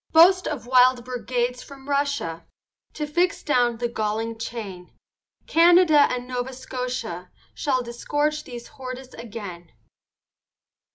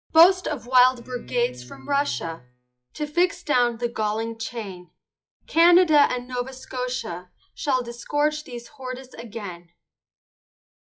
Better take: first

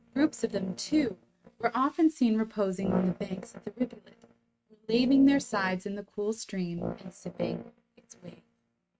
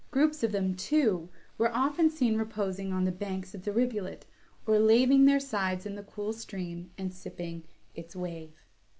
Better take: second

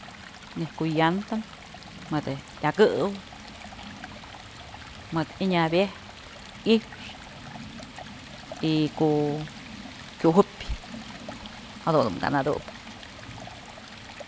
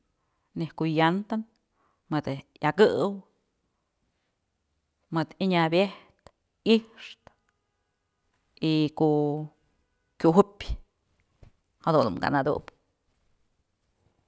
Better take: second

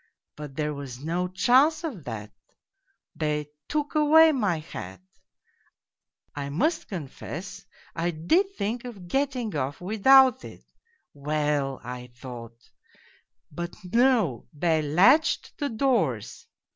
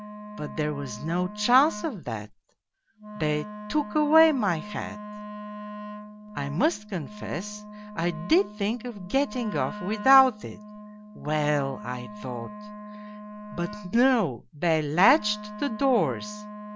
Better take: first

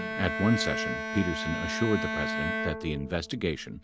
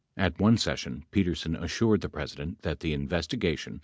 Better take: second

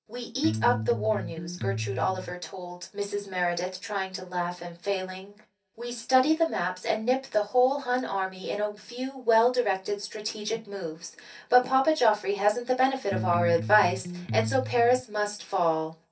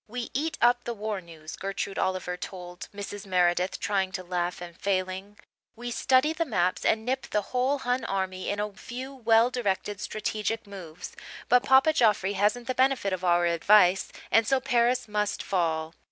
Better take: second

